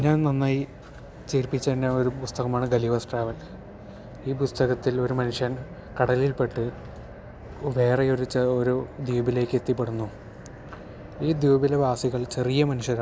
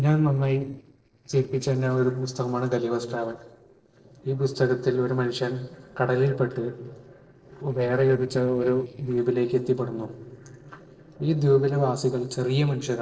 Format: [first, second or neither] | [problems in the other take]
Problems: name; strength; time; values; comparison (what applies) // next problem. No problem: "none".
first | noise reduction (neural separator model SepFormer DNS4)